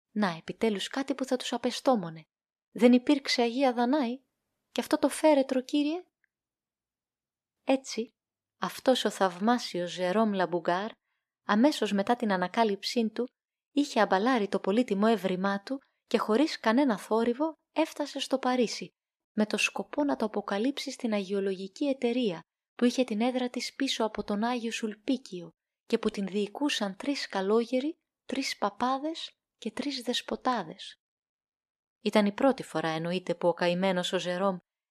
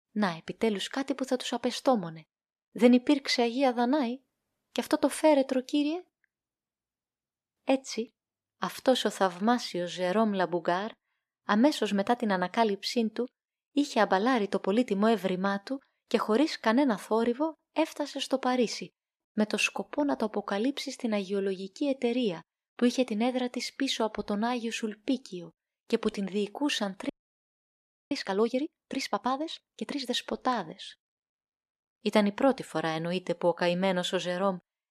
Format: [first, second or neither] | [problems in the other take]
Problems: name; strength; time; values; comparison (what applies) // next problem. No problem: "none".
first | audio freezing; at 27 s for 1 s